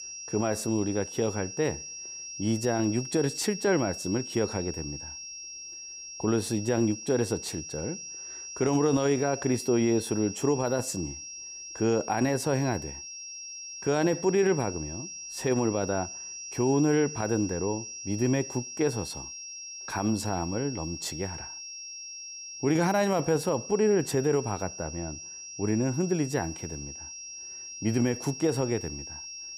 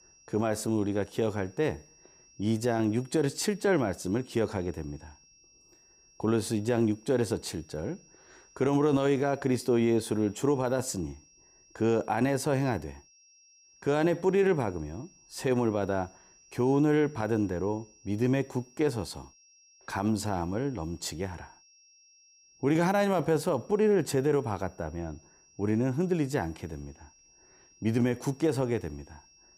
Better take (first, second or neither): second